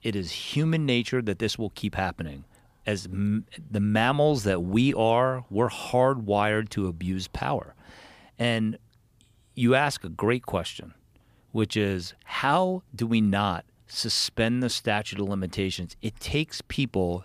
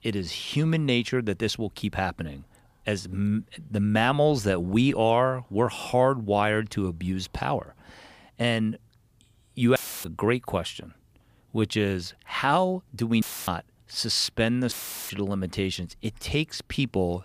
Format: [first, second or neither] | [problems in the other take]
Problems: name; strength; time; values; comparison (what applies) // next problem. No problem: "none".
first | audio cutting out; filled with static; at 10 s, at 13 s and at 15 s